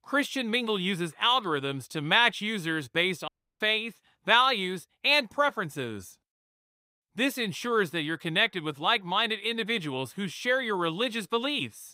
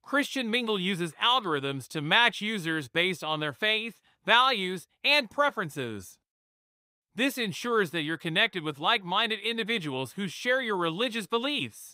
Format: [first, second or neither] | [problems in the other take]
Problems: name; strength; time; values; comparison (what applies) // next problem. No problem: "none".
second | audio cutting out; at 3.5 s